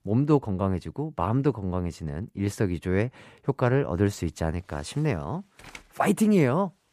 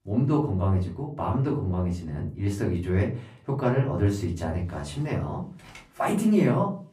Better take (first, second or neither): first